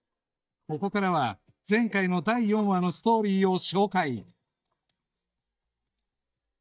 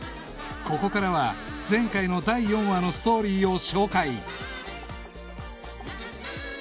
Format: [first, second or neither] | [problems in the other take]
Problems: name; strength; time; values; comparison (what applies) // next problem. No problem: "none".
second | noise reduction (neural mask model DeepFilterNet 3)